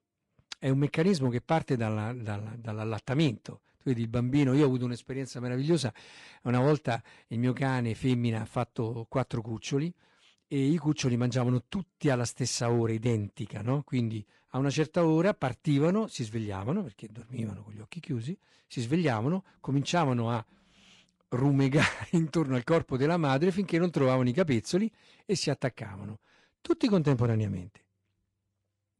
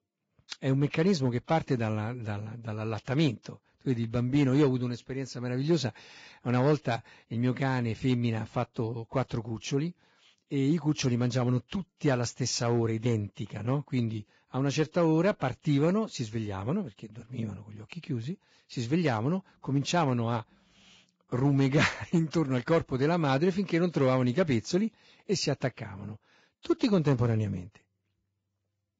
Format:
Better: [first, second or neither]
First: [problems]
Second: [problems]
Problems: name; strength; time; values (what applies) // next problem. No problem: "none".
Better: first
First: garbled, watery; slightly; nothing above 10.5 kHz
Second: garbled, watery; badly; nothing above 7.5 kHz